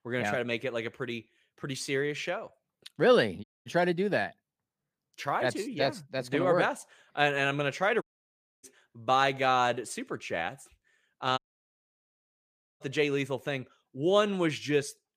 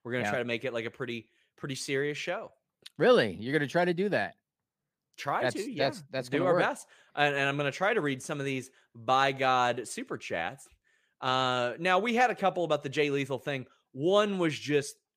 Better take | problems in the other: second | audio cutting out; at 3.5 s, at 8 s for 0.5 s and at 11 s for 1.5 s

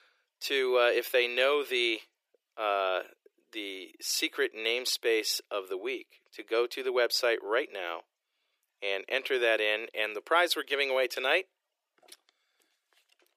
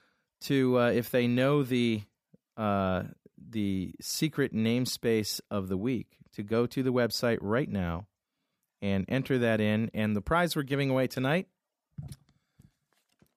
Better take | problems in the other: second | thin; very; fading below 350 Hz

